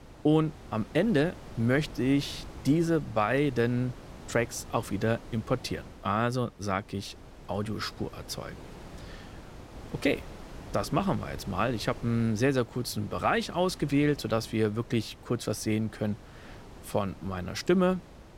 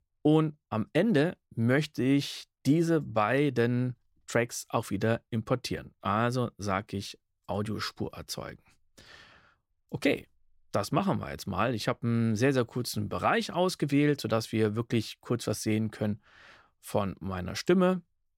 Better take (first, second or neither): second